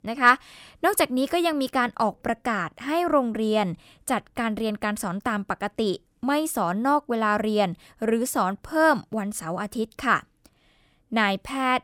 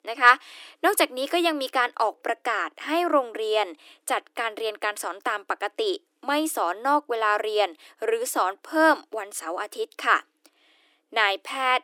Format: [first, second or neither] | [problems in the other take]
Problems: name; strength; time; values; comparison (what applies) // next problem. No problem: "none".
first | thin; somewhat; fading below 300 Hz